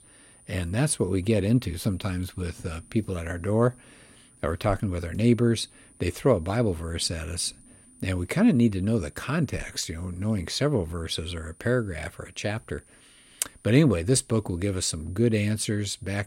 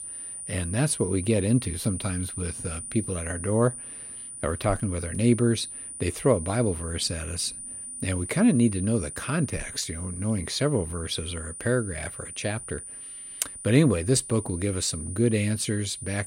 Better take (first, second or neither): first